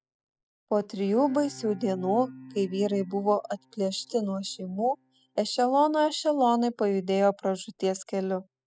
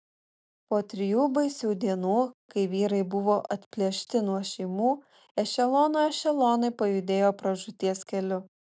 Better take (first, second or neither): second